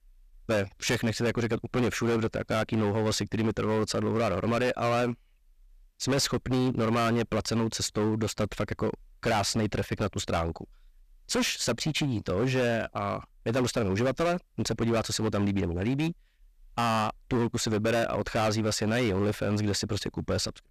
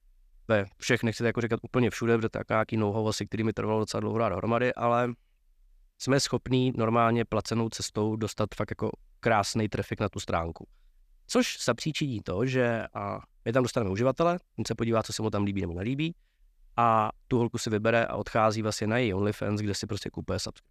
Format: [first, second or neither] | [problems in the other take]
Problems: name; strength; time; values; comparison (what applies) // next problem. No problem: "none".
second | distortion; heavy; 16% of the sound clipped